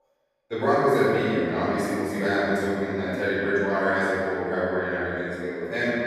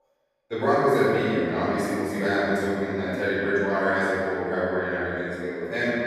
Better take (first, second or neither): neither